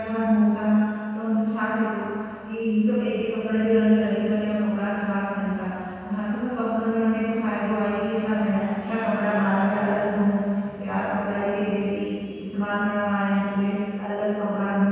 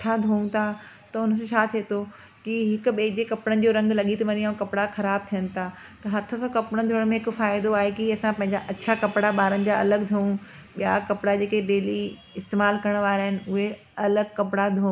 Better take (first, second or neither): second